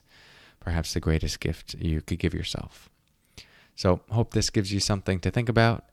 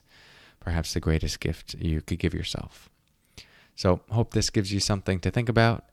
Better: neither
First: none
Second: none

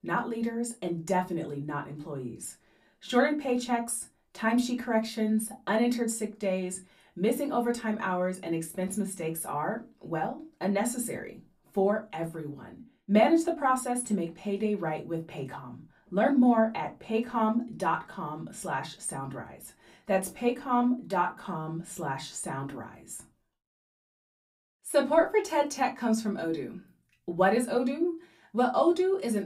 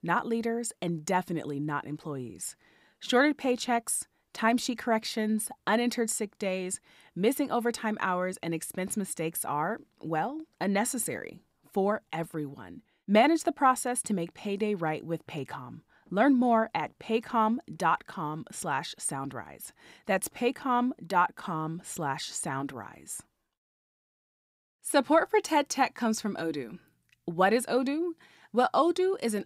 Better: second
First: off-mic speech; far // room echo; very slight; dies away in 0.2 s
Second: none

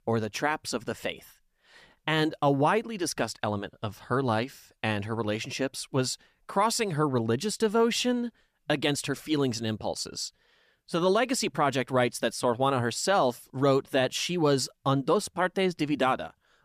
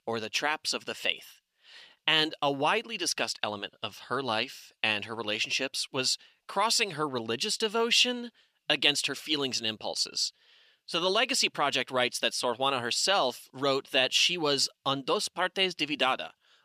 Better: first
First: none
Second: thin; very slightly; fading below 450 Hz

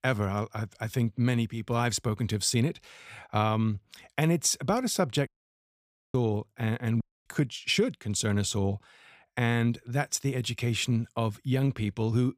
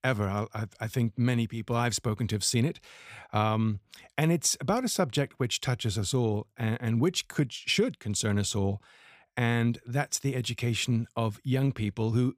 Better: second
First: audio cutting out; at 5.5 s for 1 s and at 7 s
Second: none

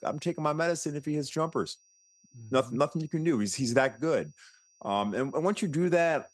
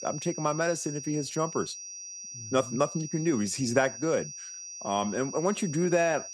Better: first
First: high-pitched whine; faint; throughout; 6 kHz, 30 dB below the speech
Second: high-pitched whine; loud; throughout; 6 kHz, 10 dB below the speech

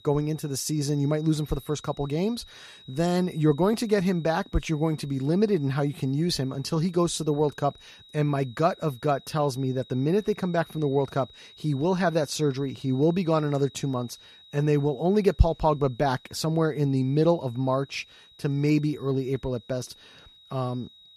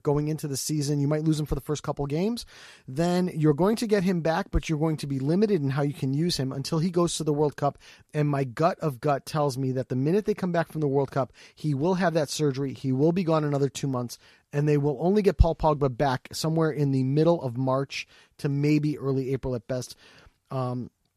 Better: second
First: high-pitched whine; faint; throughout; 4 kHz, 25 dB below the speech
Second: none

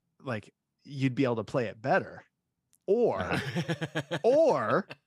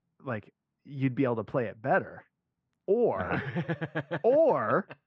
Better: first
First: none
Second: muffled; very; fading above 2 kHz

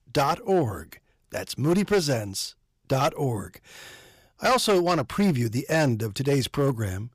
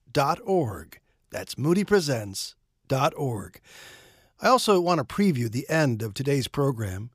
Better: second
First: distortion; slight; 5% of the sound clipped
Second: none

